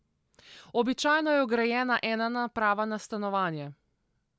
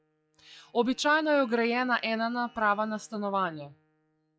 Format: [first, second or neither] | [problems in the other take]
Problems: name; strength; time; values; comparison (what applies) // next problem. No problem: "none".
first | noise reduction (classical method log-MMSE)